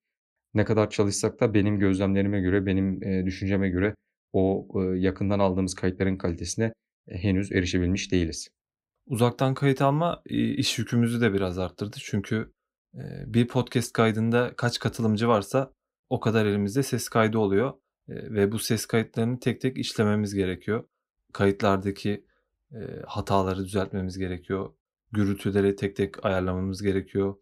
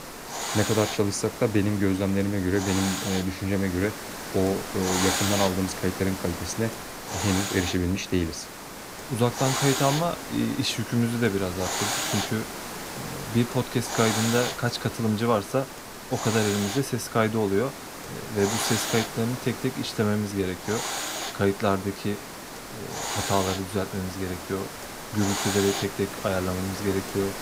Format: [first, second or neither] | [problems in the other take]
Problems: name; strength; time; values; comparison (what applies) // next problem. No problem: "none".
first | hiss; loud; throughout; 5 dB below the speech